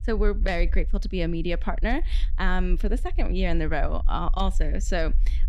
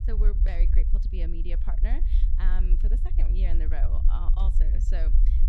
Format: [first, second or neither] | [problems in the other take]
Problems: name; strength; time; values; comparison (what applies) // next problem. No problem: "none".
first | low rumble; loud; throughout; 6 dB below the speech; faint in the first